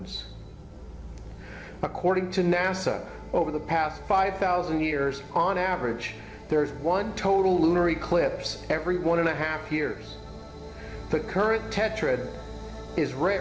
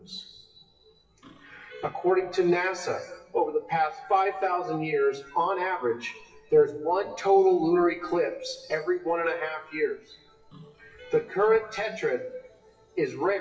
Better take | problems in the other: first | noise reduction (classical method WPE with log-MMSE)

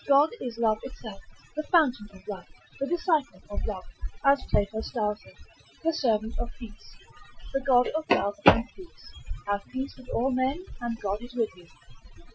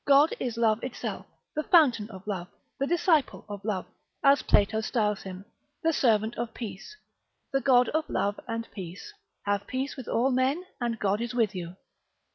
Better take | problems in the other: second | noise reduction (classical method Wiener filter)

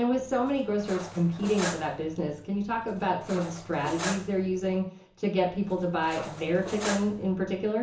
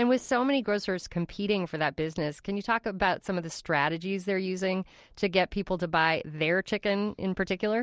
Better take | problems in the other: second | background sound (Cutlery, silverware); 12 dB below the speech // room echo; dies away in 0.7 s

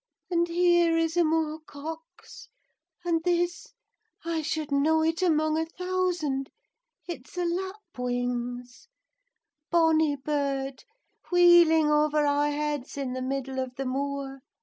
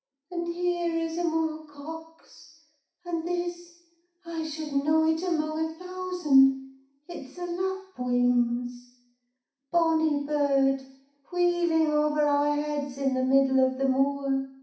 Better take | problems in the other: first | room echo; dies away in 0.6 s

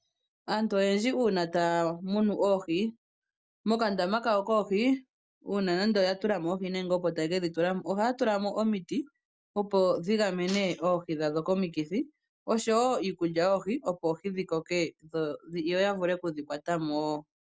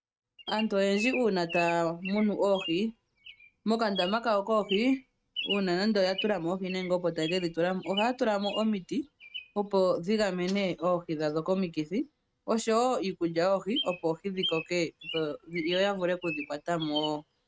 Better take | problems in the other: first | noise reduction (neural mask model RNNoise)

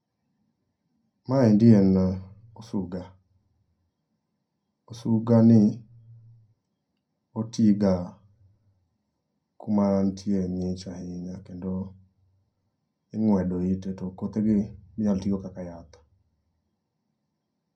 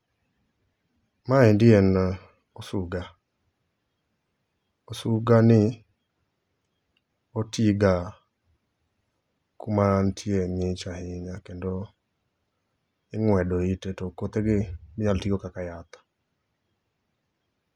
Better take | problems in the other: second | room echo; dies away in 0.2 s

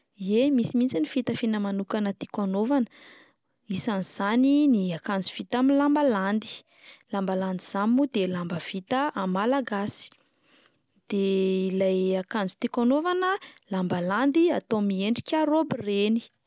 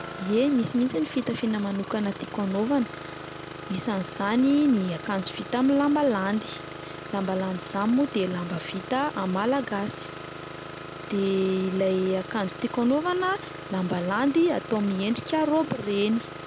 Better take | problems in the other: first | background sound (Engine starting); 12 dB below the speech

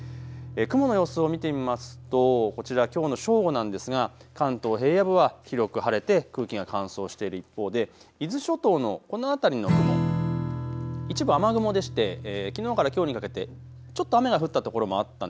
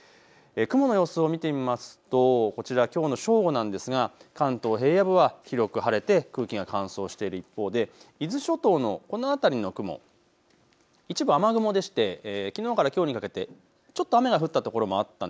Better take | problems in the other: second | background sound (Strum); 8 dB below the speech

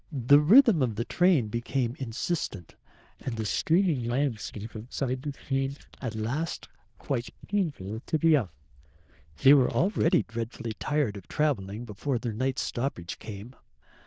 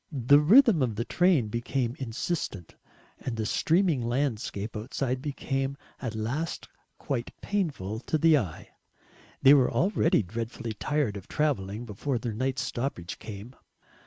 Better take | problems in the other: second | noise reduction (neural diffusion model UNIVERSE++)

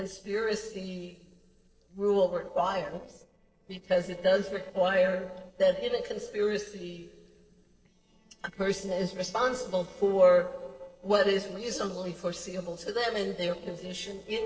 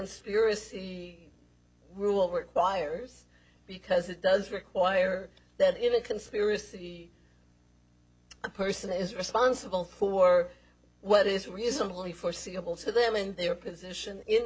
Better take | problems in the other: second | noise reduction (neural separator model SepFormer DNS4)

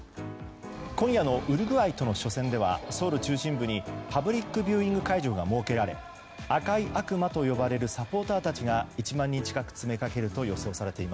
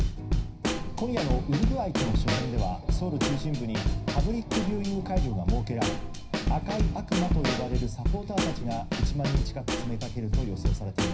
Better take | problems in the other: first | background sound (Snare drum / Drum kit); 3 dB above the speech // room echo; dies away in 0.4 s

